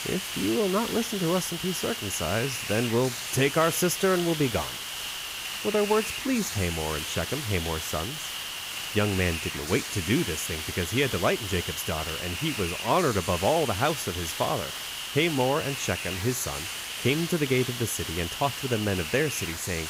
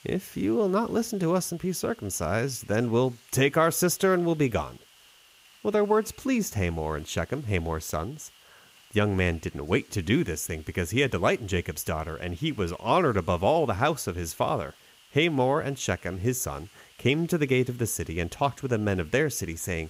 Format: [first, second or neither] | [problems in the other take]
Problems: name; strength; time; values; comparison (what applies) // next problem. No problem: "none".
second | hiss; loud; throughout; 4 dB below the speech; faint in the second